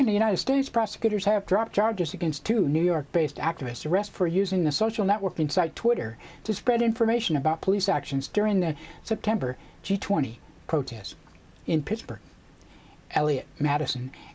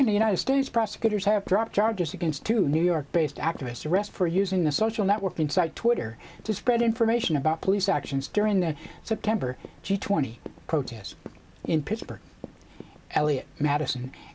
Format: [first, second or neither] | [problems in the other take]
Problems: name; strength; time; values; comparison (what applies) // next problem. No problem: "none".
first | background sound (Run); 20 dB below the speech